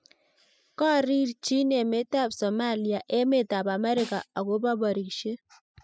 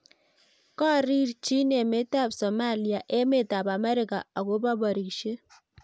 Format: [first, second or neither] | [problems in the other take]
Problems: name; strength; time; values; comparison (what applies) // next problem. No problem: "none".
second | noise reduction (classical method spectral subtraction)